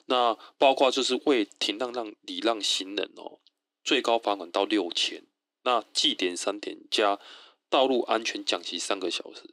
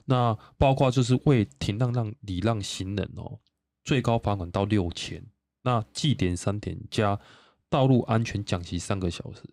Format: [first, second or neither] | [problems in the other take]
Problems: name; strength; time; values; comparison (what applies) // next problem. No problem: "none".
second | thin; somewhat; fading below 300 Hz